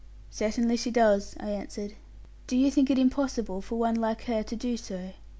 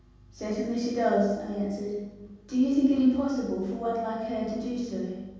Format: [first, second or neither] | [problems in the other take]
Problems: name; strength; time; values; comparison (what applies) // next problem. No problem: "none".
first | room echo; dies away in 1.3 s